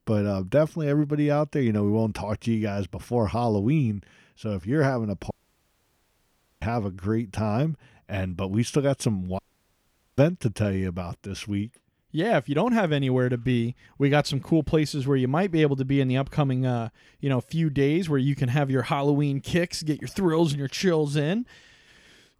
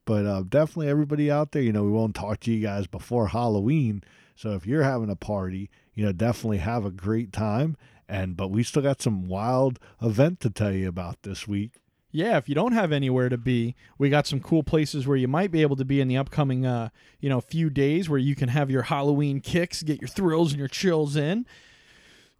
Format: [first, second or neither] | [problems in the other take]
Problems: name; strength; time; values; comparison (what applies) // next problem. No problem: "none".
second | audio cutting out; at 5.5 s for 1.5 s and at 9.5 s for 1 s